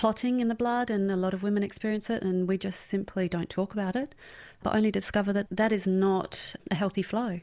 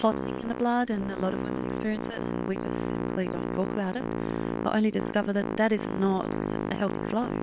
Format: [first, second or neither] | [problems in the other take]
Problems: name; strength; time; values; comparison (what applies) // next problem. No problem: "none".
first | noise reduction (neural separator model SepFormer WHAM!)